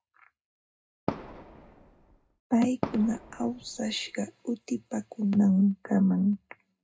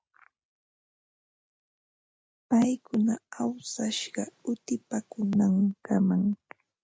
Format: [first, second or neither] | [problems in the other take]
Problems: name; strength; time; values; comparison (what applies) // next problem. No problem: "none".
second | background sound (Fireworks); 10 dB below the speech // room echo; dies away in 0.2 s